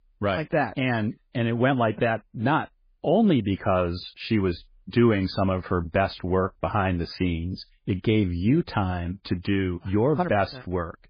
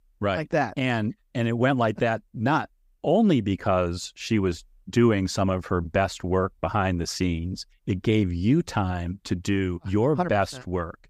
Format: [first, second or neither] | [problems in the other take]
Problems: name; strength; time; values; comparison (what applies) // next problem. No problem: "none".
second | garbled, watery; badly; nothing above 5 kHz